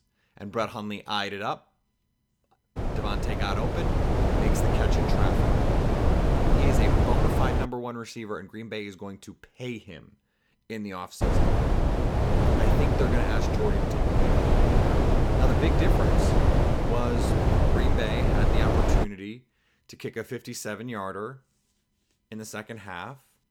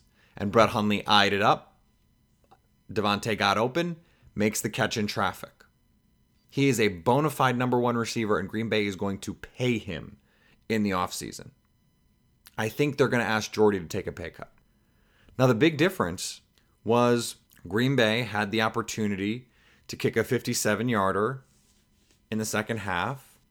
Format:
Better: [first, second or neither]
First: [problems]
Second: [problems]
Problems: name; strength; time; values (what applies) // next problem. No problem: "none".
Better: second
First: wind noise on the microphone; heavy; from 3 to 7.5 s and from 11 to 19 s; 5 dB above the speech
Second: none